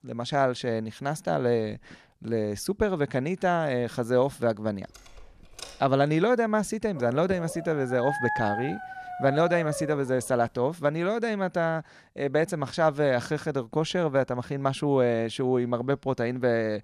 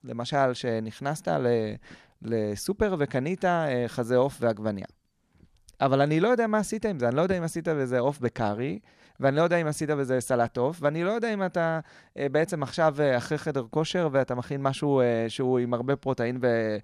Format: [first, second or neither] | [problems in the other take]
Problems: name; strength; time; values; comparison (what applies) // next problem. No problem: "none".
second | door banging; faint; at 5 s; peak 15 dB below the speech // dog barking; noticeable; from 7 to 10 s; peak 3 dB below the speech